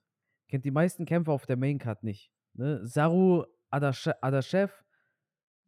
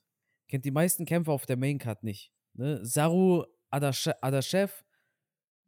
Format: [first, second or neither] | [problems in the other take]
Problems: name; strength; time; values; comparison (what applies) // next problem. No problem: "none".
second | muffled; slightly; fading above 1.5 kHz